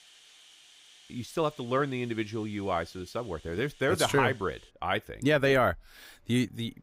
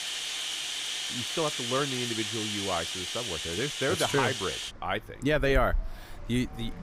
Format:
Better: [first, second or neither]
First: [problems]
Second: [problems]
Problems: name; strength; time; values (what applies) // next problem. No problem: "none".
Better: first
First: household noises; faint; throughout; 25 dB below the speech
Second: household noises; loud; throughout; 1 dB below the speech